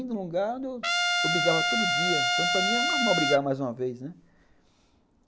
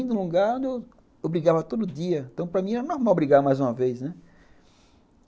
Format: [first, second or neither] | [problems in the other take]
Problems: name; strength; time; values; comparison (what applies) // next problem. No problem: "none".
second | background sound (Trumpet); 5 dB above the speech